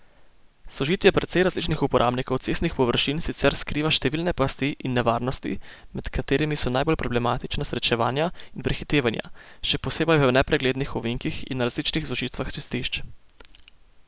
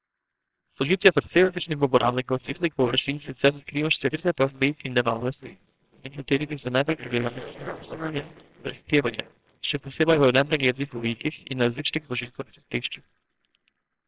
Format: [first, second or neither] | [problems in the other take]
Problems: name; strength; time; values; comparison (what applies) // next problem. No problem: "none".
first | noise reduction (neural separator model SepFormer WHAMR!)